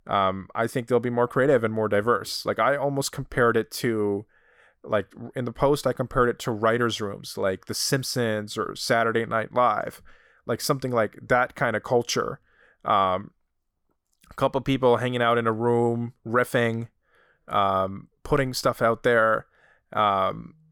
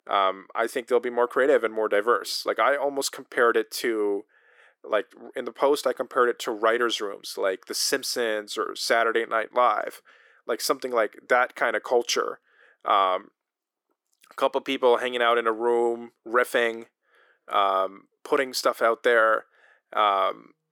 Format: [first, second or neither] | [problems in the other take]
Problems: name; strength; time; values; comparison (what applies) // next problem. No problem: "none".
first | thin; somewhat; fading below 350 Hz